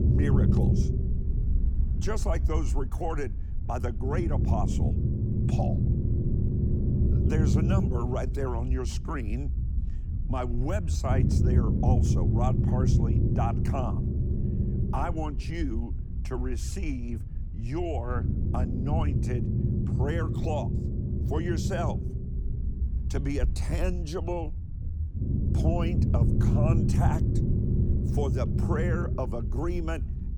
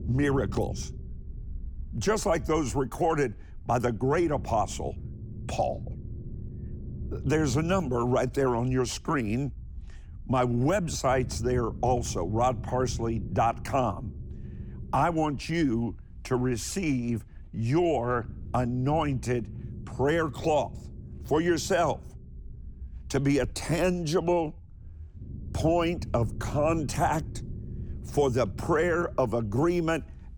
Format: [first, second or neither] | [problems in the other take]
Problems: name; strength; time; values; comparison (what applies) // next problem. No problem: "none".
second | low rumble; loud; throughout; 3 dB below the speech; faint in the second